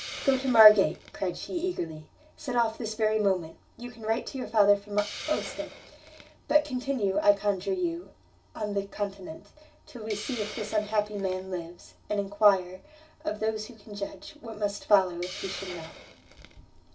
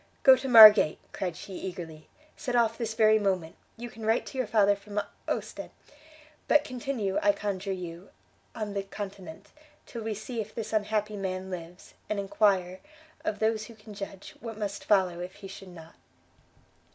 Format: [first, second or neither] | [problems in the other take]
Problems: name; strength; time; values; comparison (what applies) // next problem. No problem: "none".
second | background sound (Hiss); 18 dB below the speech // room echo; dies away in 0.2 s